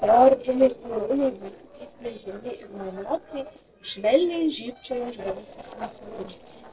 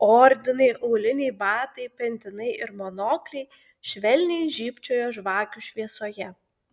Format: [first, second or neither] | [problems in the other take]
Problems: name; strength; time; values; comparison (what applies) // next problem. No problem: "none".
second | noise reduction (neural separator model SepFormer DNS4)